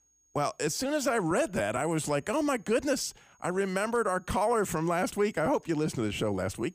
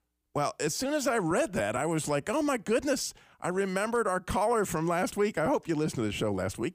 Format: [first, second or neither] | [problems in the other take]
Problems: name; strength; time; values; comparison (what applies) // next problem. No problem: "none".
second | high-pitched whine; faint; throughout; 6.5 kHz, 35 dB below the speech